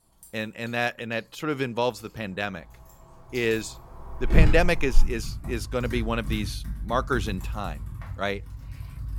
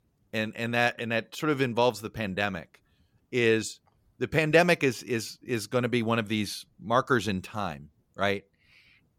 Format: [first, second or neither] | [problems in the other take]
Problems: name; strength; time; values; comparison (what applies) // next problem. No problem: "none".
second | household noises; loud; throughout; 2 dB below the speech